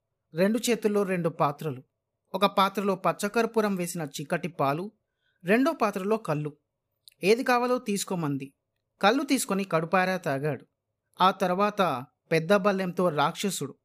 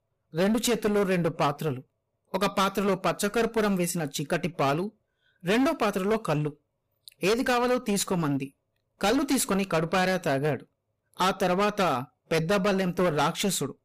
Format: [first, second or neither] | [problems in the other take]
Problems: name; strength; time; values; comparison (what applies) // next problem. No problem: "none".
first | distortion; heavy; 15% of the sound clipped